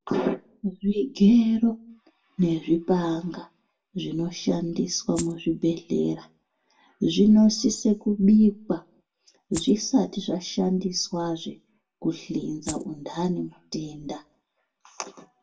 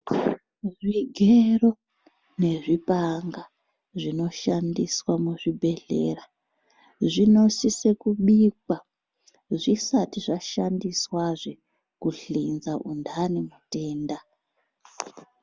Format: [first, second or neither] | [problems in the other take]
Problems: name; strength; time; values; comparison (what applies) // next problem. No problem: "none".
second | background sound (Rattle (instrument)); 14 dB below the speech // room echo; dies away in 0.1 s